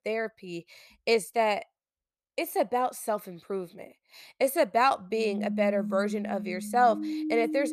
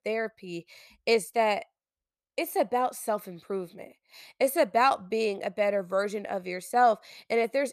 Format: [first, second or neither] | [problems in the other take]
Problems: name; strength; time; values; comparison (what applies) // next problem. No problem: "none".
second | background music; very faint; from 5.5 s on; 6 dB below the speech